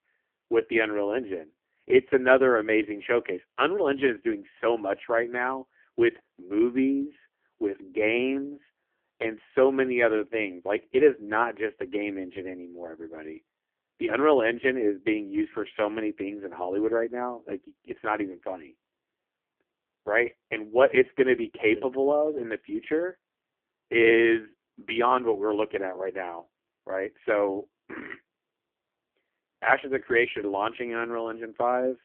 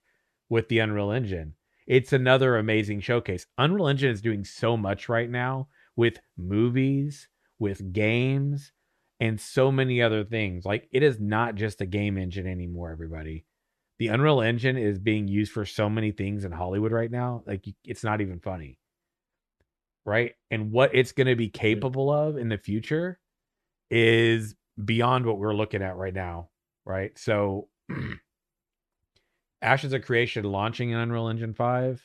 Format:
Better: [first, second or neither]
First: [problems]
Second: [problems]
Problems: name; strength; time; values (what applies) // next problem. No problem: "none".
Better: second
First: phone-call audio; poor line; nothing above 3.5 kHz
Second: none